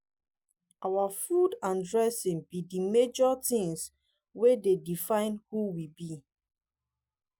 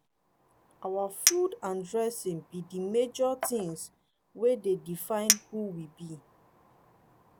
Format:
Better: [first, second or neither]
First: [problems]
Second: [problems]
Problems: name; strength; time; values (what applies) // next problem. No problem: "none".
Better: first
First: none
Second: background sound (Chink, clink); 4 dB below the speech